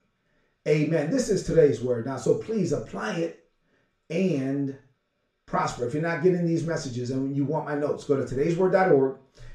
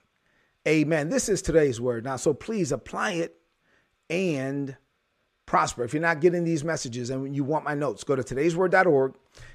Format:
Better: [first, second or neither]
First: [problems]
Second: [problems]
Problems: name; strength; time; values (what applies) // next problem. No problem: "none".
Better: second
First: room echo; slight; dies away in 0.3 s // off-mic speech; far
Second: none